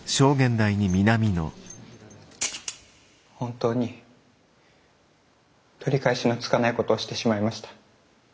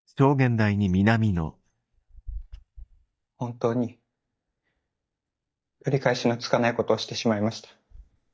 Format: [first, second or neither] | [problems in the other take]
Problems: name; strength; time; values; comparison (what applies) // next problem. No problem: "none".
first | noise reduction (neural mask model DeepFilterNet 3)